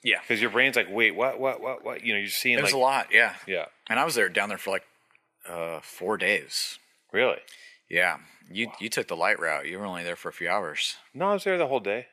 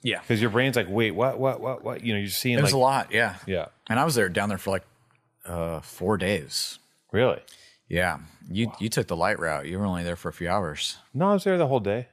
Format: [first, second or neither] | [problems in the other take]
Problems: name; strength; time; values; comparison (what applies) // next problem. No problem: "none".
second | thin; somewhat; fading below 300 Hz